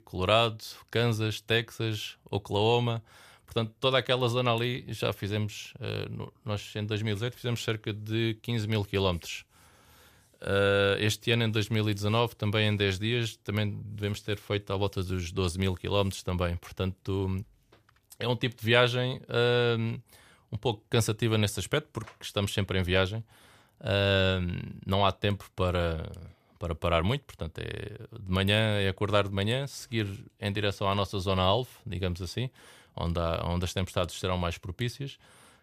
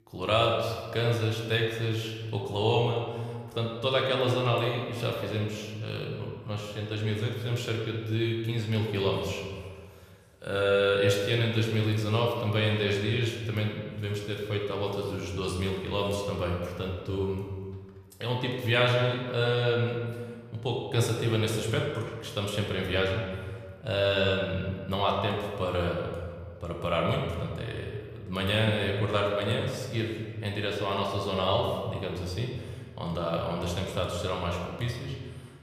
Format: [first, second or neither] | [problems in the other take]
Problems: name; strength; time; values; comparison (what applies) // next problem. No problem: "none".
first | room echo; noticeable; dies away in 1.4 s // off-mic speech; somewhat distant